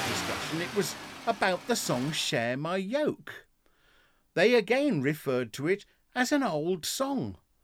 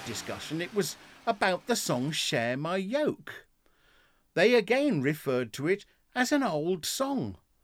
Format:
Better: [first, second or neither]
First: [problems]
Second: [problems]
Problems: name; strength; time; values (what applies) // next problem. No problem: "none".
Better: second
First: traffic noise; loud; until 2 s; 9 dB below the speech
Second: traffic noise; faint; until 2 s; 20 dB below the speech